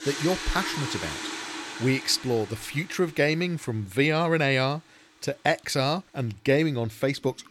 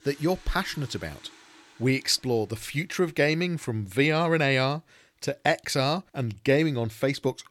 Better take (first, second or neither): second